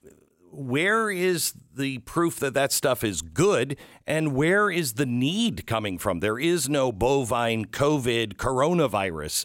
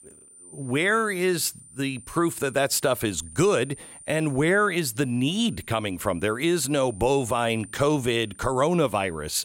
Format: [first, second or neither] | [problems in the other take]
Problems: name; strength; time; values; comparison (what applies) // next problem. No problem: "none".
first | high-pitched whine; noticeable; throughout; 9 kHz, 20 dB below the speech